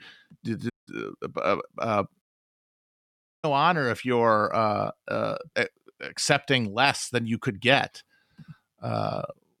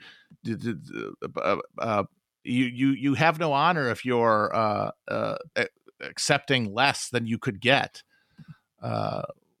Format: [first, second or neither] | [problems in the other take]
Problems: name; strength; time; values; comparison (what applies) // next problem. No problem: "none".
second | audio cutting out; at 0.5 s and at 2 s for 1 s